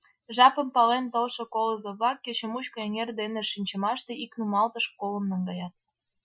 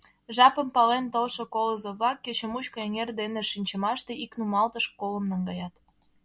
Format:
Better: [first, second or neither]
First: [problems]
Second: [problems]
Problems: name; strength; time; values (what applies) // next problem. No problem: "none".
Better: second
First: noise reduction (classical method Wiener filter)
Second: none